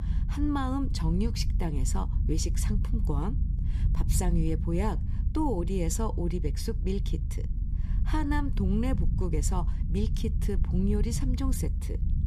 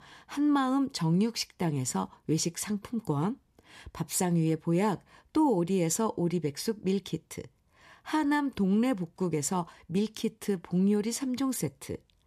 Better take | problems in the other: second | low rumble; noticeable; throughout; 10 dB below the speech

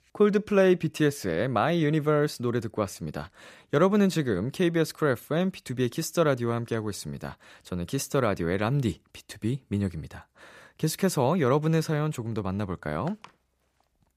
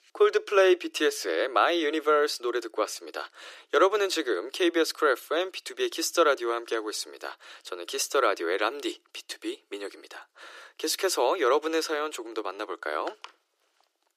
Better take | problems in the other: first | thin; very; fading below 350 Hz

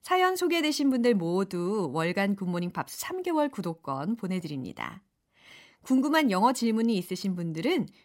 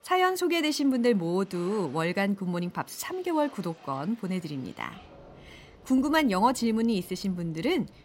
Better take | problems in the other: first | rain or running water; faint; throughout; 25 dB below the speech

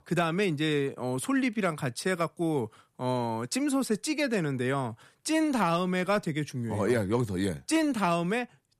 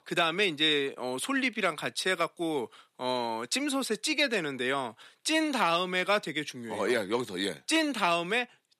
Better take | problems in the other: first | thin; very slightly; fading below 300 Hz

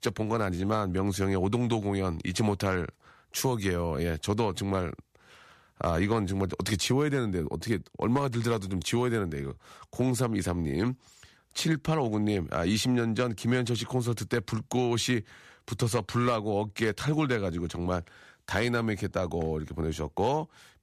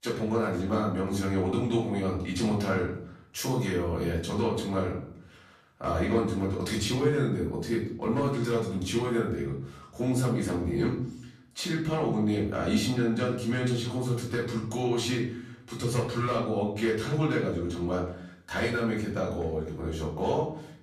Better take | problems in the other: first | off-mic speech; far // room echo; slight; dies away in 0.5 s

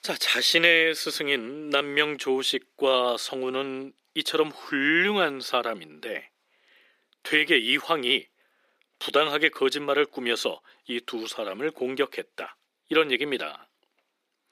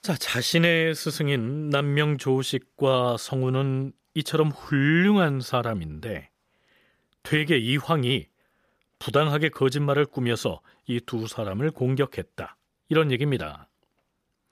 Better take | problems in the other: second | thin; somewhat; fading below 300 Hz

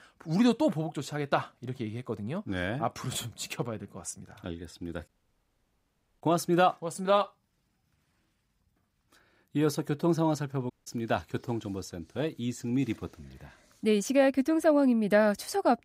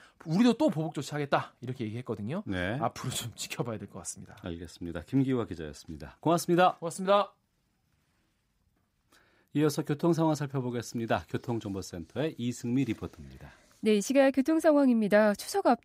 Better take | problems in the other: second | audio cutting out; at 5 s for 1 s and at 11 s

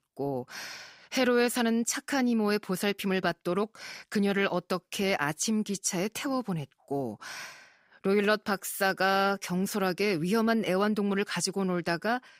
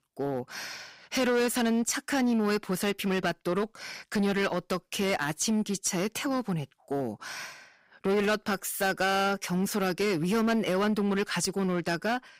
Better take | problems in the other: first | distortion; slight; 8% of the sound clipped

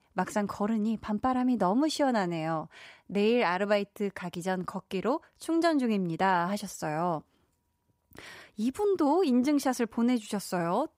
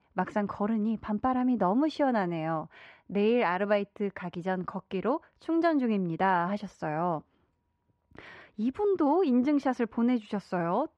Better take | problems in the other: first | muffled; slightly; fading above 2.5 kHz

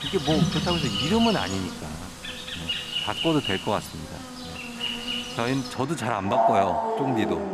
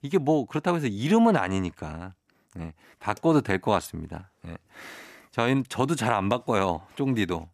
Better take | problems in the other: second | animal sounds; loud; throughout; as loud as the speech

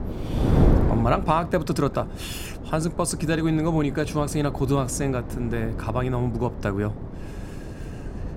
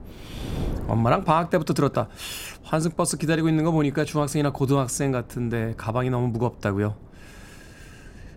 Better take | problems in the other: second | wind noise on the microphone; heavy; 9 dB below the speech; occasional gusts in the second

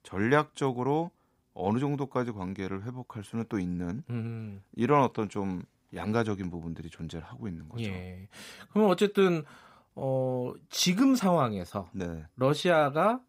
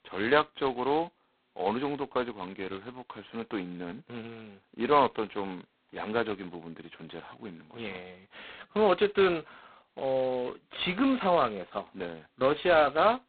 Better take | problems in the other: first | phone-call audio; poor line; nothing above 4 kHz

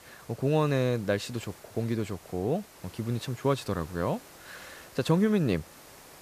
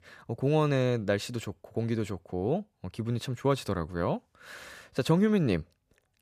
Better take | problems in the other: second | hiss; faint; throughout; 20 dB below the speech

